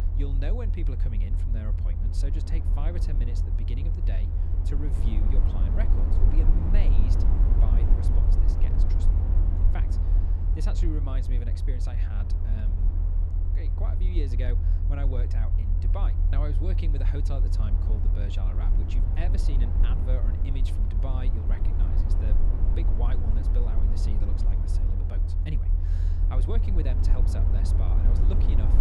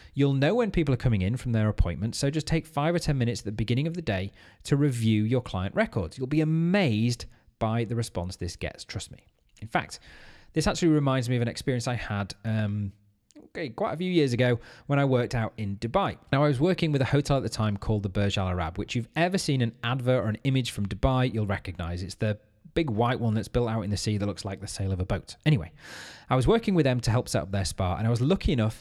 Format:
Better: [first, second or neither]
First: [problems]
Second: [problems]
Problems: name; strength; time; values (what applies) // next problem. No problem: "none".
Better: second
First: low rumble; loud; throughout; as loud as the speech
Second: none